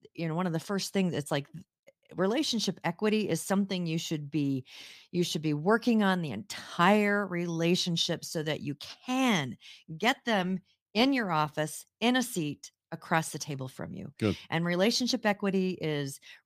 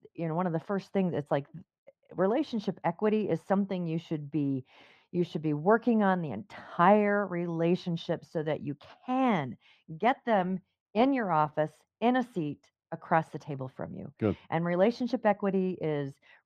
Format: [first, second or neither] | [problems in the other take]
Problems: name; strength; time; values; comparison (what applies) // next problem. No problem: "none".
first | muffled; very; fading above 3.5 kHz